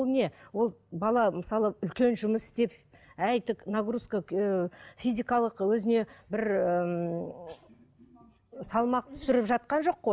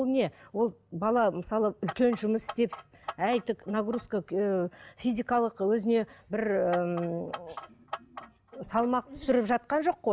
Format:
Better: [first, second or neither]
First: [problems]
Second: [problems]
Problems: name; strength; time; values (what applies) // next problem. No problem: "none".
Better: first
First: none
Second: background sound (Clock); 15 dB below the speech